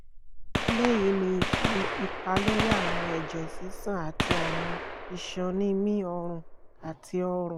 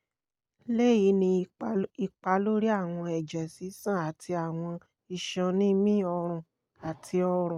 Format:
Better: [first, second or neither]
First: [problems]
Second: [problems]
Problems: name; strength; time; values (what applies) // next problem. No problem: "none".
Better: second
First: background sound (Gunshot, gunfire); 1 dB below the speech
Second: none